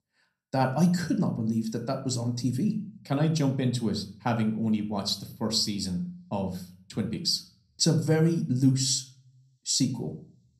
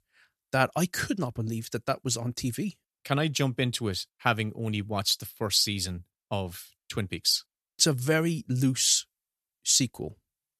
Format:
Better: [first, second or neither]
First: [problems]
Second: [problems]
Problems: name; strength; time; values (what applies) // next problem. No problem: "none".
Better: second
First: room echo; slight; dies away in 0.5 s // off-mic speech; somewhat distant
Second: none